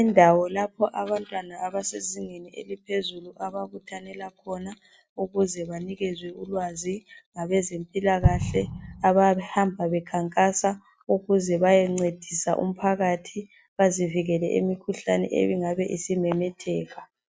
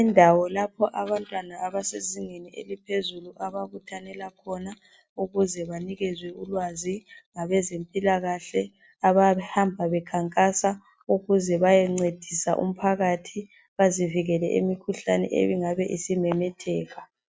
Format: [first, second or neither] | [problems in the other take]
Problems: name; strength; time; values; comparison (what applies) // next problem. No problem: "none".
second | background sound (Explosion); 2 dB below the speech